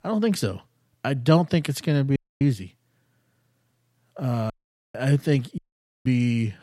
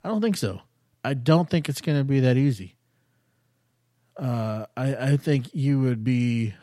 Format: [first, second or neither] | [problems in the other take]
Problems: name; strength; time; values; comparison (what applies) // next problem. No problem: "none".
second | audio cutting out; at 2 s, at 4.5 s and at 5.5 s